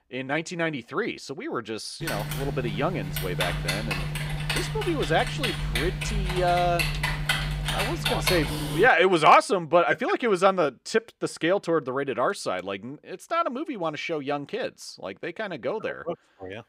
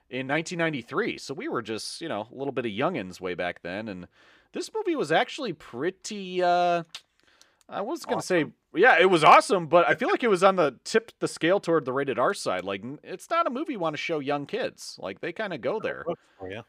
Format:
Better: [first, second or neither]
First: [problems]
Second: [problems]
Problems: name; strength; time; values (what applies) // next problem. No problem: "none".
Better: second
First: keyboard typing; loud; from 2 to 9 s; peak 1 dB above the speech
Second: none